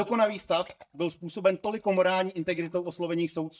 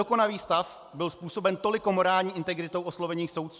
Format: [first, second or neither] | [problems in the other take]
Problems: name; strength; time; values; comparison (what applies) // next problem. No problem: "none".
second | noise reduction (neural mask model DeepFilterNet 3)